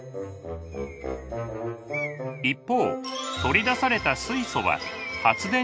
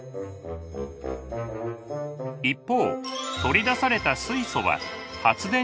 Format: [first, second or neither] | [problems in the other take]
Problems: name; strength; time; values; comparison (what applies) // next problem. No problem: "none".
second | background sound (Bird); 15 dB below the speech